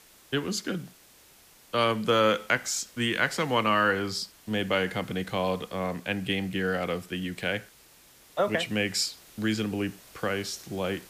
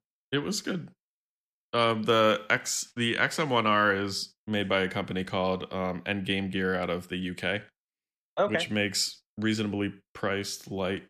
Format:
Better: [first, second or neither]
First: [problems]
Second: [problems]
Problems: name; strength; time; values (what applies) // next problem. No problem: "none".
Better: second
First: hiss; faint; throughout; 25 dB below the speech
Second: none